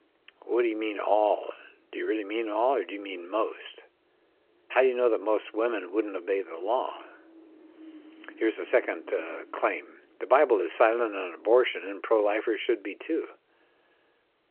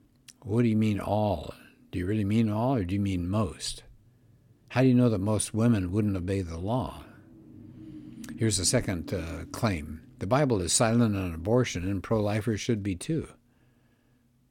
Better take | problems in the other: second | phone-call audio

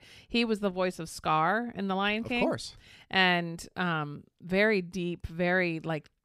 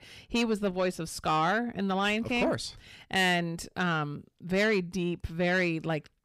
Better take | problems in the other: first | distortion; slight; 10 dB below the speech

